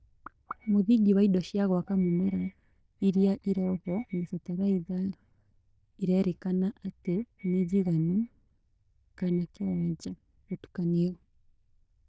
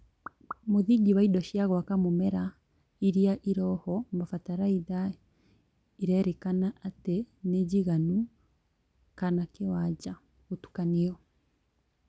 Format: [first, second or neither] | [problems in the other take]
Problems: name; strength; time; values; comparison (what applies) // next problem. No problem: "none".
second | noise reduction (neural diffusion model UNIVERSE++)